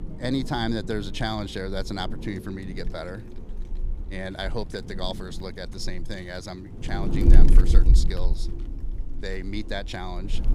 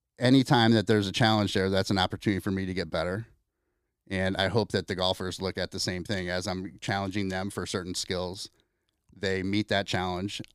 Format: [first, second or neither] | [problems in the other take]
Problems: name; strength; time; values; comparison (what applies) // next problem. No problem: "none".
second | wind noise on the microphone; heavy; 9 dB below the speech